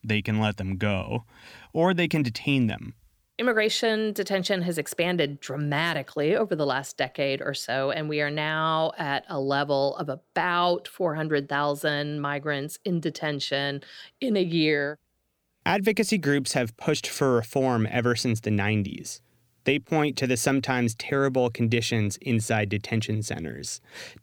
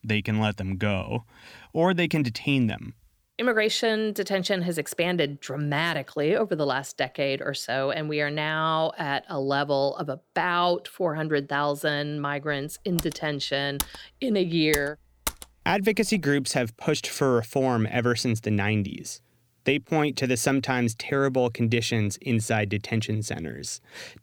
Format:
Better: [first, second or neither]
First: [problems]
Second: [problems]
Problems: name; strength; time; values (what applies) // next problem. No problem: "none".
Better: first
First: none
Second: keyboard typing; noticeable; from 13 to 15 s; peak 6 dB below the speech